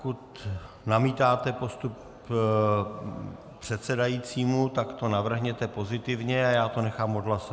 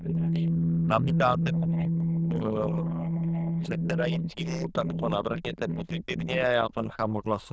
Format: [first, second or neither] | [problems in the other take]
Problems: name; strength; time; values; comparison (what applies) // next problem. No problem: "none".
first | noise reduction (neural diffusion model UNIVERSE++)